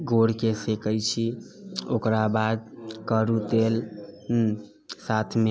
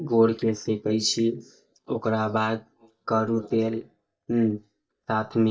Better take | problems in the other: first | noise reduction (neural mask model DeepFilterNet 3)

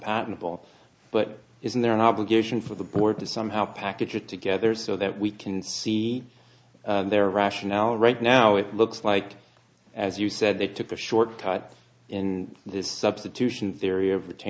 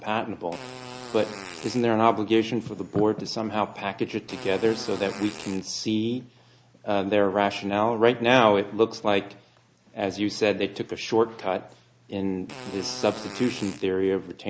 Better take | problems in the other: first | background sound (Fart); 15 dB below the speech

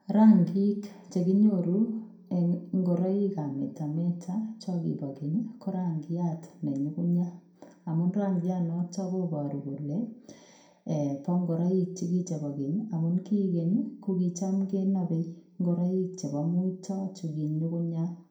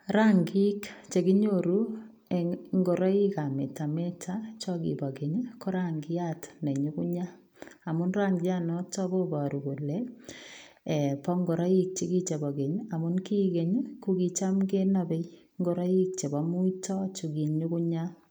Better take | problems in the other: second | room echo; dies away in 0.5 s

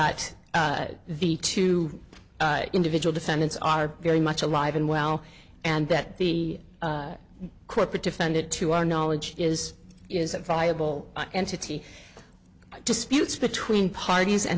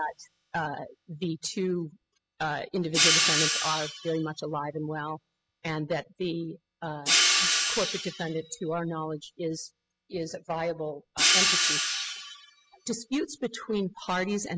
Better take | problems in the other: first | noise reduction (classical method spectral subtraction)

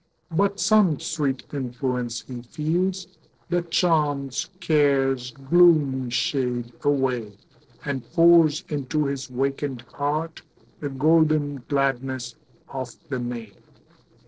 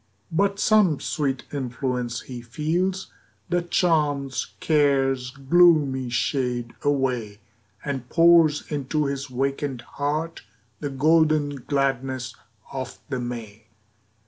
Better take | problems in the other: second | noise reduction (neural separator model SepFormer DNS4)

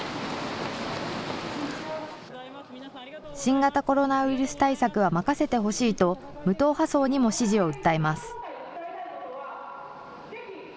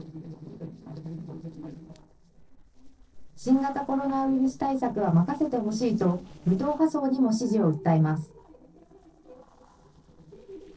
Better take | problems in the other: first | noise reduction (neural separator model SepFormer DNS4)

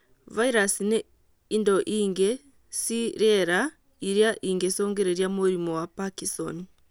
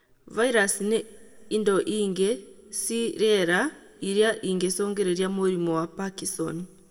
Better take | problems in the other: first | room echo; dies away in 1.8 s

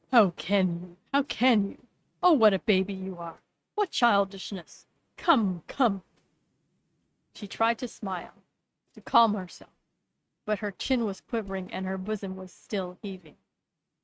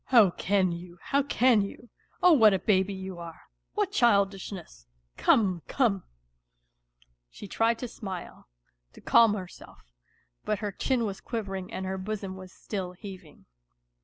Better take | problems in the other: second | noise reduction (neural mask model RNNoise)

